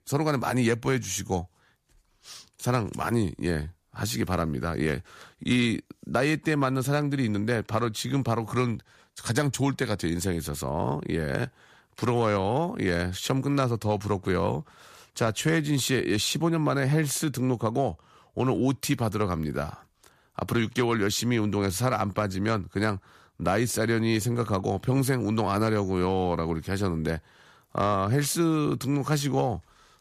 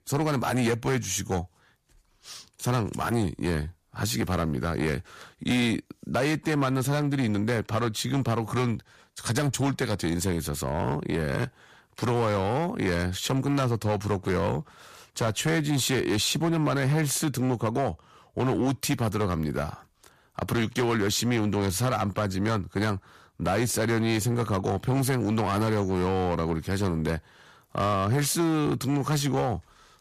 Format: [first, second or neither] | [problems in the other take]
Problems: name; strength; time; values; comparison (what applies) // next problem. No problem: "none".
first | distortion; slight; 9% of the sound clipped